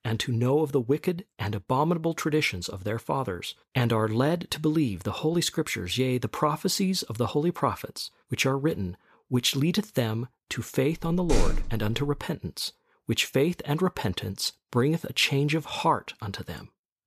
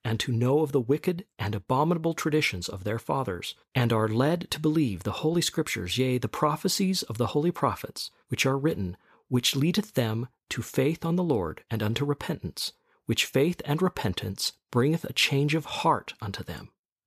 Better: second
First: door banging; noticeable; at 11 s; peak 2 dB below the speech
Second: none

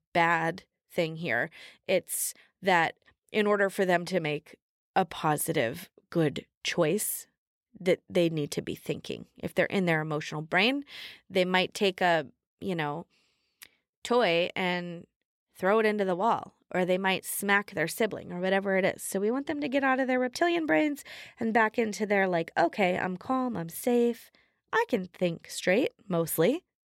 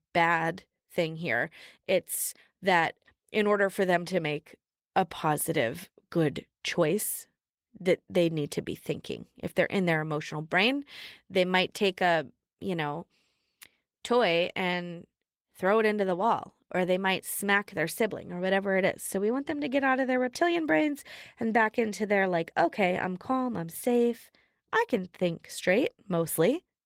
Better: first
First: none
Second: garbled, watery; slightly; nothing above 16.5 kHz

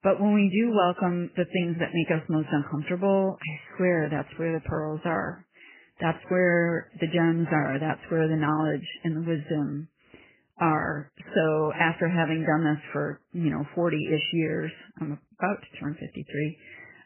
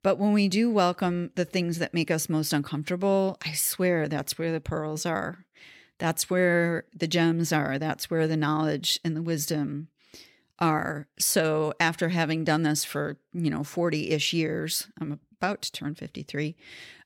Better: second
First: garbled, watery; badly; nothing above 3 kHz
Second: none

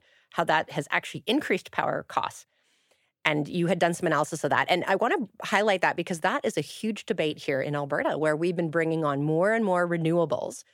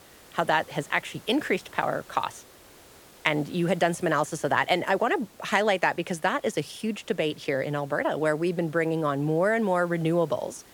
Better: first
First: none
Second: hiss; faint; throughout; 25 dB below the speech

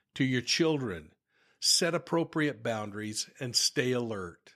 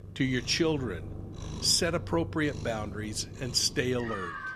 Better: first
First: none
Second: animal sounds; noticeable; throughout; 10 dB below the speech

